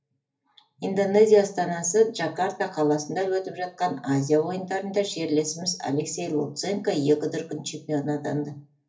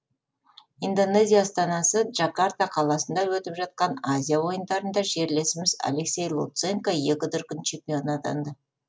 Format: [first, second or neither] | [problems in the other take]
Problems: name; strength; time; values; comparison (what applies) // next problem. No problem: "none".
second | room echo; dies away in 0.3 s